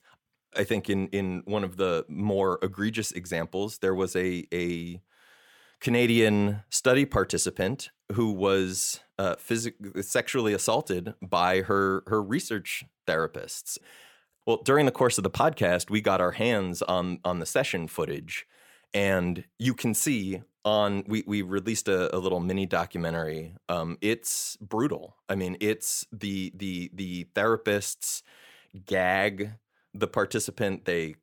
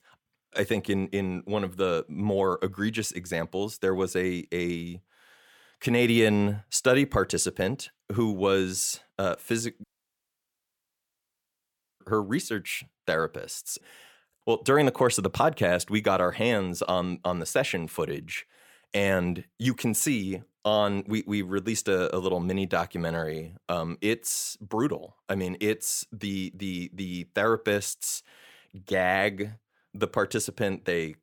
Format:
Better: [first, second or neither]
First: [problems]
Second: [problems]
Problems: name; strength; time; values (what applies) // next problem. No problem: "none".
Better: first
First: none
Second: audio cutting out; at 10 s for 2 s